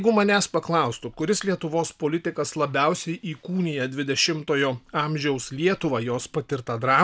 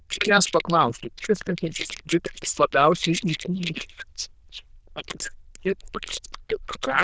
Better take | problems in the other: first | noise reduction (neural diffusion model UNIVERSE++)

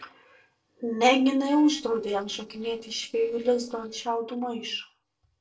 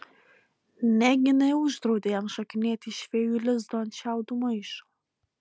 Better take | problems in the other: second | noise reduction (neural separator model SepFormer DNS4)

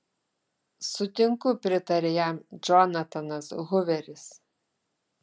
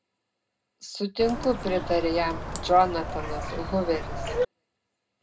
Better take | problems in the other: first | background sound (Bird); 4 dB below the speech // room echo; dies away in 0.2 s

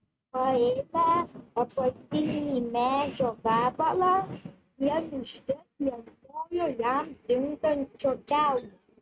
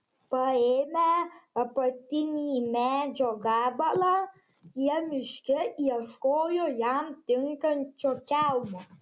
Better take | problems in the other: second | noise reduction (neural mask model RNNoise)

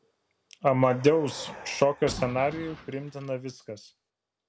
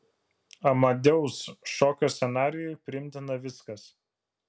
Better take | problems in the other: second | background sound (Car); 15 dB below the speech

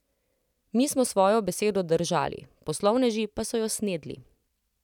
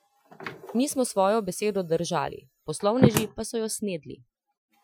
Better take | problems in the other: first | noise reduction (classical method Wiener filter)

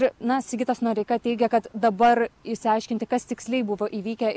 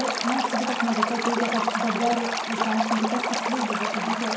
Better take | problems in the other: first | background sound (Stream); 1 dB above the speech // room echo; dies away in 0.5 s

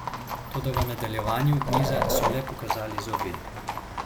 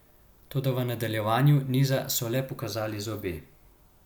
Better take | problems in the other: second | background sound (Growling + Livestock, farm animals, working animals); as loud as the speech

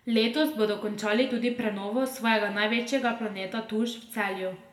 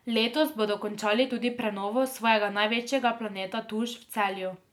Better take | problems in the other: second | room echo; dies away in 1.5 s

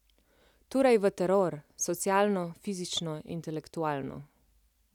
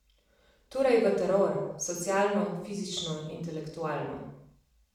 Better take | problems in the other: first | room echo; dies away in 0.7 s

